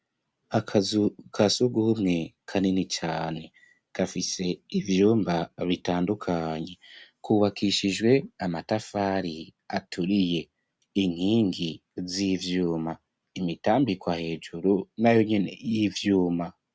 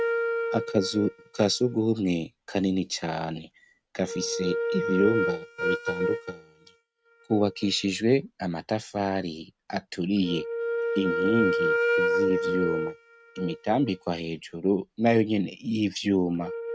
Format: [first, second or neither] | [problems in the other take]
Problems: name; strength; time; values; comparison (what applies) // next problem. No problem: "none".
first | noise reduction (neural mask model RNNoise)